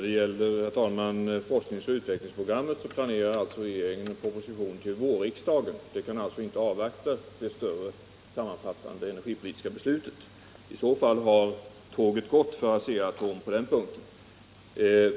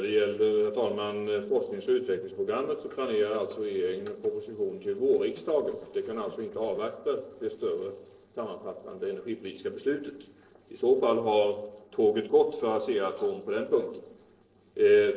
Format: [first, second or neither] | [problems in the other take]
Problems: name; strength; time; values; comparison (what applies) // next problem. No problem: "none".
first | noise reduction (neural separator model SepFormer DNS4)